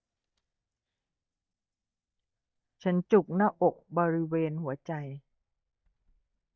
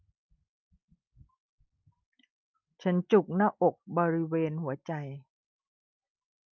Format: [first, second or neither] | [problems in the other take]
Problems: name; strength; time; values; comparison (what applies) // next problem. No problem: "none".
second | noise reduction (neural mask model DeepFilterNet 3)